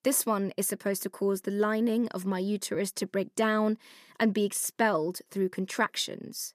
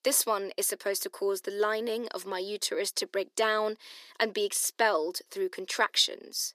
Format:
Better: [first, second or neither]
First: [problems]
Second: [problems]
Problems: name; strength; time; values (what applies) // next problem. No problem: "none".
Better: first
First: none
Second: thin; very; fading below 350 Hz